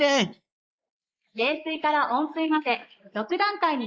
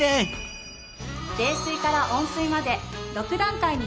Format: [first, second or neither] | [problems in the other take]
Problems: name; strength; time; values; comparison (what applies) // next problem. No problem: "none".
second | noise reduction (neural mask model Resemble Enhance denoiser)